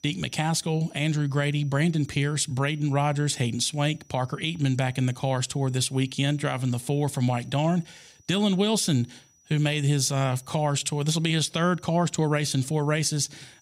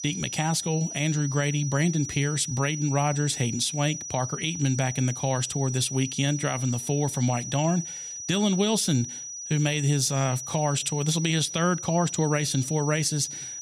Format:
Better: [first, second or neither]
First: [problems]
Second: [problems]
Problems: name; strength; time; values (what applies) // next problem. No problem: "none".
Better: first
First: high-pitched whine; faint; throughout; 6 kHz, 30 dB below the speech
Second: high-pitched whine; loud; throughout; 6 kHz, 8 dB below the speech